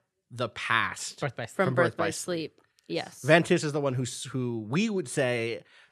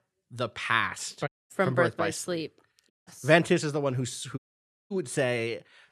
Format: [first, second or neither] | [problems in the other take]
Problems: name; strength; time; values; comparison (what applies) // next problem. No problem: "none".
first | audio cutting out; at 1.5 s, at 3 s and at 4.5 s for 0.5 s